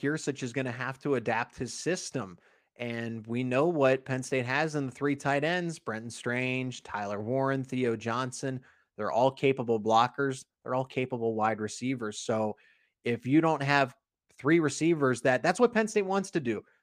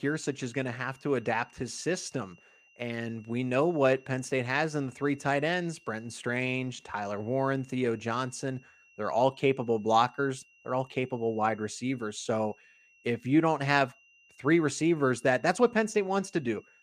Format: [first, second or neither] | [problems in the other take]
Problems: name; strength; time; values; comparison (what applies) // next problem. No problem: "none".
first | high-pitched whine; faint; throughout; 2.5 kHz, 30 dB below the speech